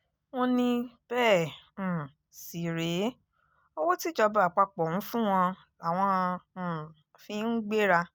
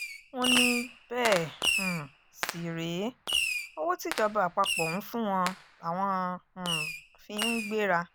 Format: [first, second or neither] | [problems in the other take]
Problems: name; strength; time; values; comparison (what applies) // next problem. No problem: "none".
first | background sound (Fireworks); 2 dB below the speech